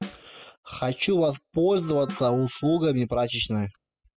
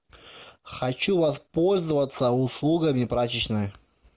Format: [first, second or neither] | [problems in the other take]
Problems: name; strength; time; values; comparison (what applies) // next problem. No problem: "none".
second | noise reduction (classical method spectral subtraction)